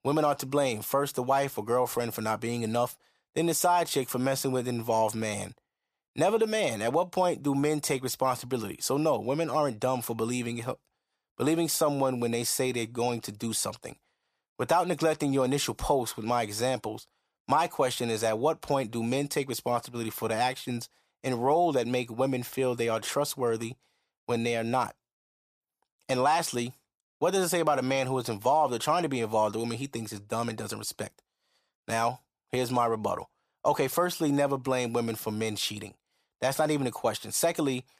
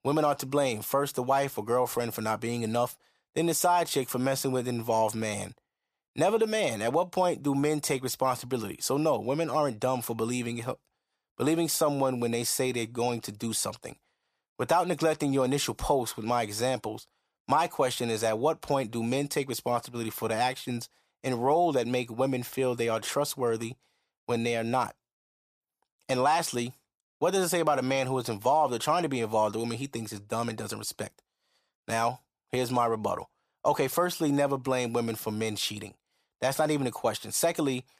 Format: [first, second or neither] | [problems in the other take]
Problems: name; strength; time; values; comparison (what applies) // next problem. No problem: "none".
neither | none